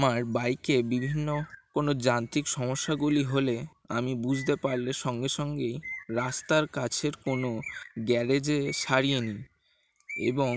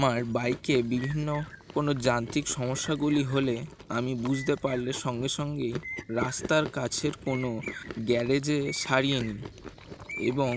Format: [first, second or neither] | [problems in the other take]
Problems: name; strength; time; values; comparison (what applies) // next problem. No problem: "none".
first | background sound (Chewing, mastication); 15 dB below the speech